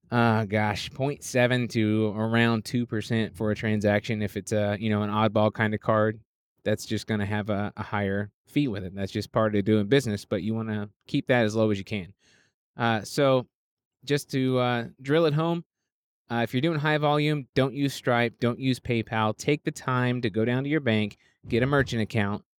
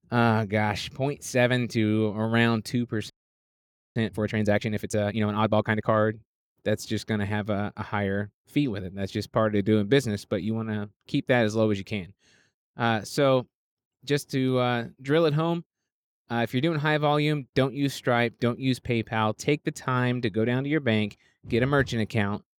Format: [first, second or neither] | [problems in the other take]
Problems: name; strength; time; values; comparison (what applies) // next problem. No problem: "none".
first | audio freezing; at 3 s for 1 s